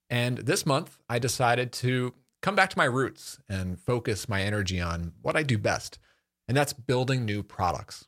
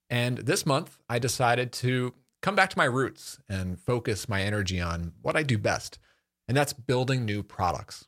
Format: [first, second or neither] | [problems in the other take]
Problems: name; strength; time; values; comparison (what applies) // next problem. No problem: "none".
neither | none